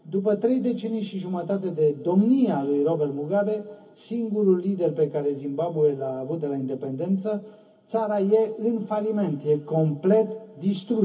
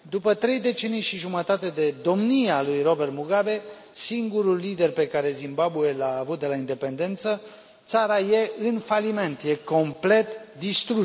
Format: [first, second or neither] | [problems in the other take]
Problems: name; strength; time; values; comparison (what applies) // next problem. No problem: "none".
second | room echo; dies away in 0.3 s